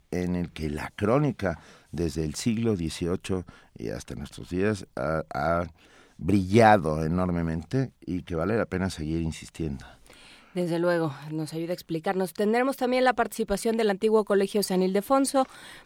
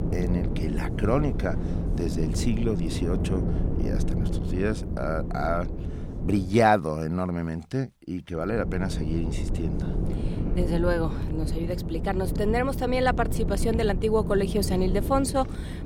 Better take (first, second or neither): first